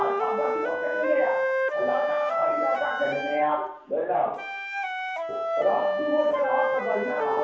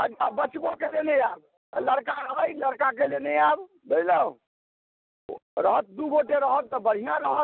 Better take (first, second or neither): second